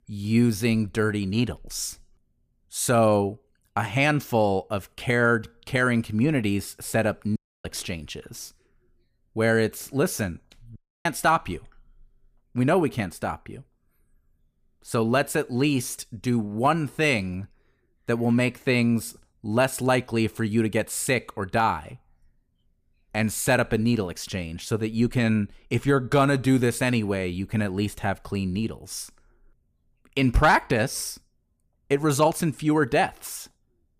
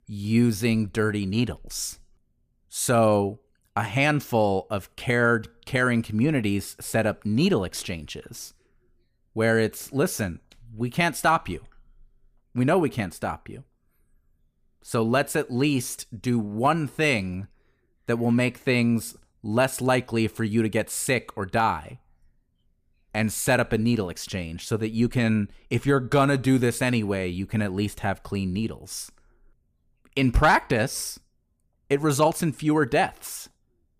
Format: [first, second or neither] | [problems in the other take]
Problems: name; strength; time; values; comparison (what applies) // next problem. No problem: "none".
second | audio cutting out; at 7.5 s and at 11 s